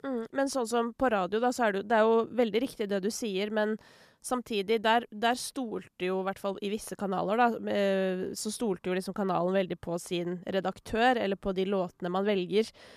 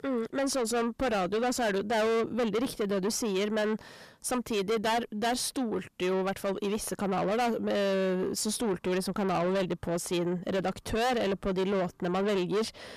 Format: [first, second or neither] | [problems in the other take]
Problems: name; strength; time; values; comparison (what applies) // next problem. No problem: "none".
first | distortion; heavy; 6 dB below the speech